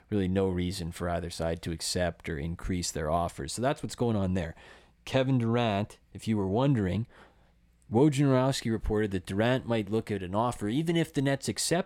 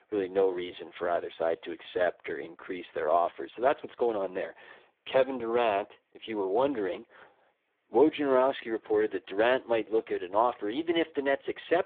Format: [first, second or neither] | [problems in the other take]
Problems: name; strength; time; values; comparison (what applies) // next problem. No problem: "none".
first | phone-call audio; poor line